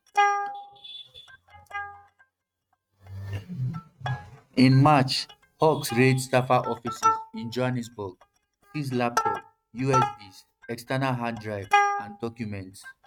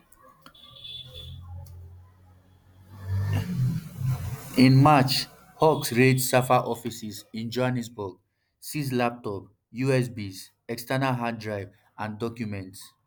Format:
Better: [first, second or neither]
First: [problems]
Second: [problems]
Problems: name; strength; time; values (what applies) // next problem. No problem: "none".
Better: second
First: noise reduction (neural mask model RNNoise)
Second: none